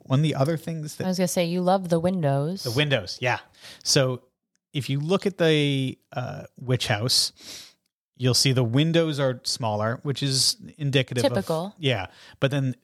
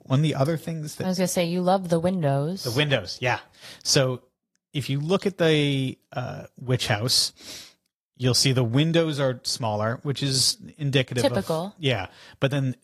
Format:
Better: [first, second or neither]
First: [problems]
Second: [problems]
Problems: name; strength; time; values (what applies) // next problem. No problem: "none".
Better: first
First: none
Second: garbled, watery; slightly